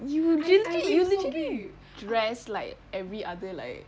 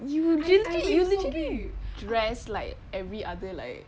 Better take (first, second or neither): first